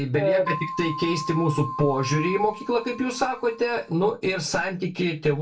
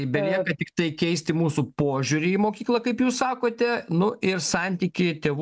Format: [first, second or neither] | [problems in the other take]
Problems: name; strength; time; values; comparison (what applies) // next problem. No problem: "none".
second | background sound (Keyboard (musical)); 9 dB below the speech // room echo; dies away in 0.2 s